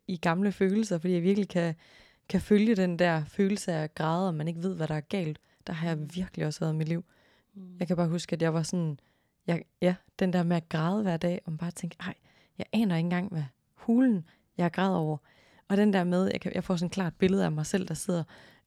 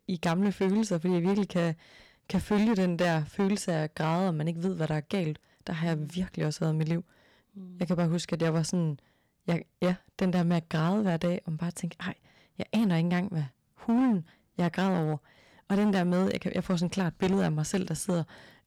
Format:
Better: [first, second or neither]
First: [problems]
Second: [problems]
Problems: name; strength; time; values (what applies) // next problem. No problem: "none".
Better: first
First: none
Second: distortion; slight; 7% of the sound clipped